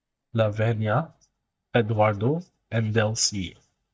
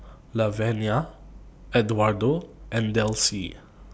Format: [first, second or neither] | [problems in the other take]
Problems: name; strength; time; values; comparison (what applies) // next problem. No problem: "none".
second | noise reduction (neural mask model DeepFilterNet 3)